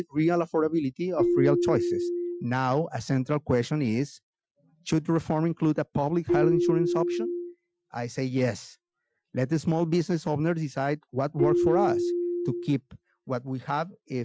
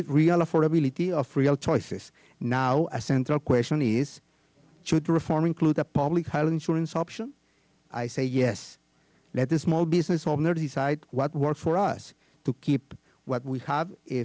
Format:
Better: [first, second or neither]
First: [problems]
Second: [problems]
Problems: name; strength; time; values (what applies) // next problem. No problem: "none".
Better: second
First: noise reduction (classical method Wiener filter)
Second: none